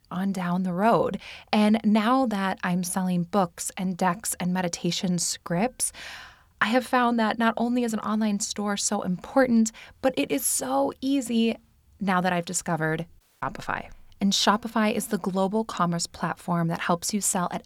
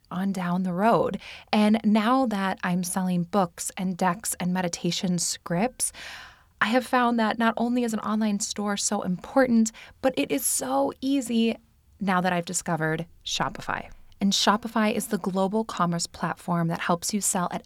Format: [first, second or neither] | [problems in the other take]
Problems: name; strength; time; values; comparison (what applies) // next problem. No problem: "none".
second | audio cutting out; at 13 s